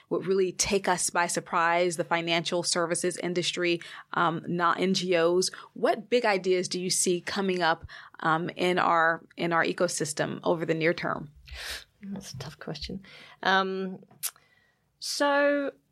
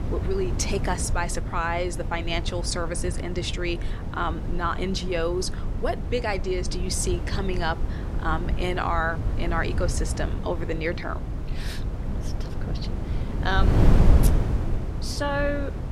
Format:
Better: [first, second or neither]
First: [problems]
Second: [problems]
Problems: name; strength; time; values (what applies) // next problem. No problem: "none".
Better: first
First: none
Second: wind noise on the microphone; heavy; 9 dB below the speech